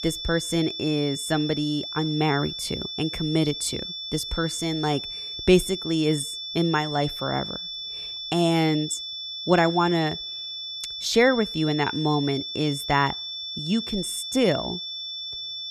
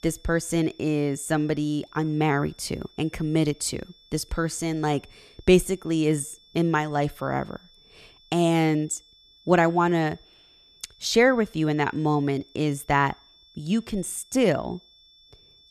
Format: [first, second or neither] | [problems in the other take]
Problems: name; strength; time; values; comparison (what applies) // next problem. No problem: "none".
second | high-pitched whine; loud; throughout; 3.5 kHz, 6 dB below the speech; faint in the second